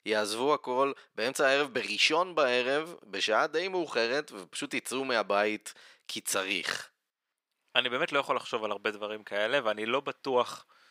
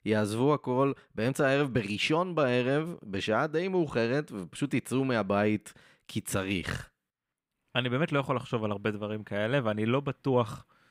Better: second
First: thin; somewhat; fading below 500 Hz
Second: none

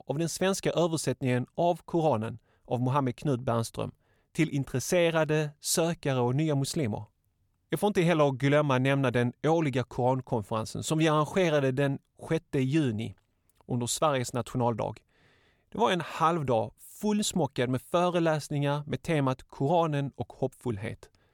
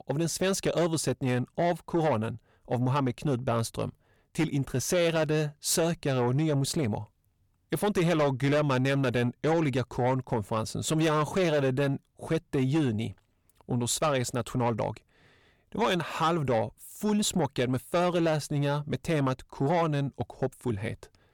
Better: first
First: none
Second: distortion; slight; 10 dB below the speech

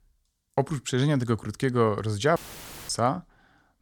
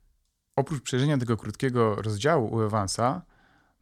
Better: second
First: audio cutting out; filled with static; at 2.5 s for 0.5 s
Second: none

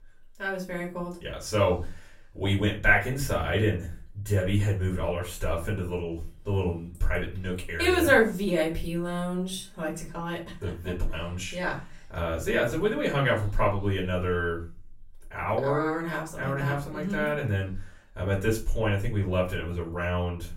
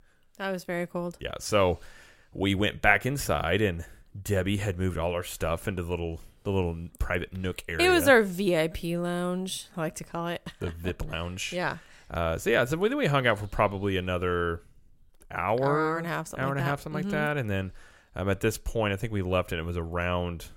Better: second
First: off-mic speech; far // room echo; slight; dies away in 0.3 s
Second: none

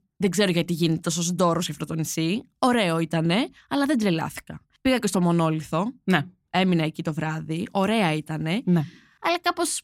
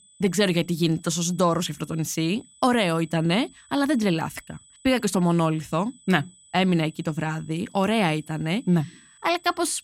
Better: first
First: none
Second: high-pitched whine; faint; throughout; 8 kHz, 25 dB below the speech

